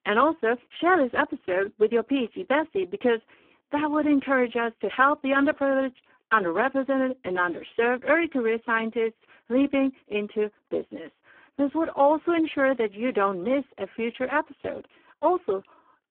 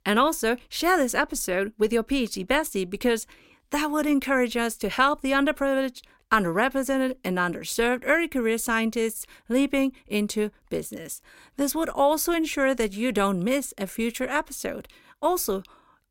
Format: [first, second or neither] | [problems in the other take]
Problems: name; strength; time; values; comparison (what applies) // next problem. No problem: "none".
second | phone-call audio; poor line